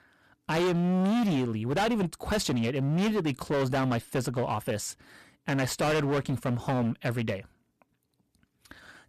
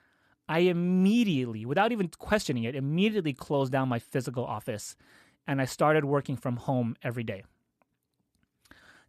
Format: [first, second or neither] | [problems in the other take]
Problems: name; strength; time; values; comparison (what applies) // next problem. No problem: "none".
second | distortion; heavy; 19% of the sound clipped